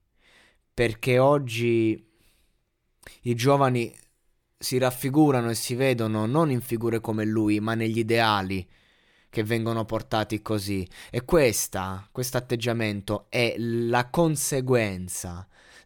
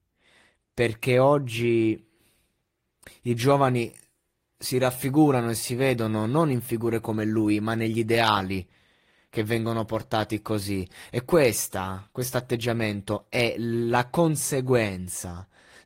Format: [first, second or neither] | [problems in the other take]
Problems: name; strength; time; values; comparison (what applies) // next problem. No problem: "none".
first | garbled, watery; slightly; nothing above 15.5 kHz